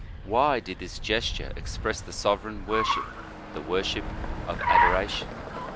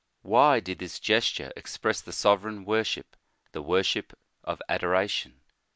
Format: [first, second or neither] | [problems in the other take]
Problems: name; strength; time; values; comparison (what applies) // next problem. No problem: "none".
second | background sound (Car); as loud as the speech